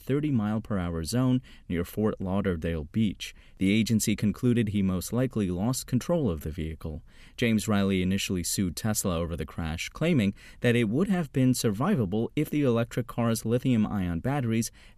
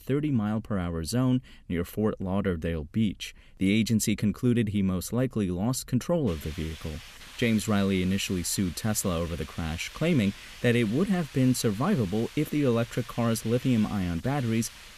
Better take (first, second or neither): first